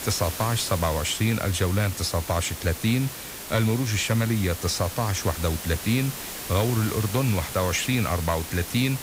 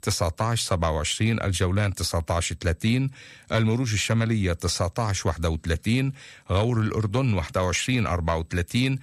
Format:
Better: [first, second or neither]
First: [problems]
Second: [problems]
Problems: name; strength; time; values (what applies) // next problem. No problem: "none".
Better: second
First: hiss; loud; throughout; 8 dB below the speech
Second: none